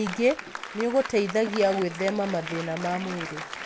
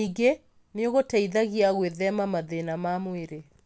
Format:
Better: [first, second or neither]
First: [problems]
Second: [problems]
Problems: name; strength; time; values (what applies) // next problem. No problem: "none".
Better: second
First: background sound (Applause); 10 dB below the speech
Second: none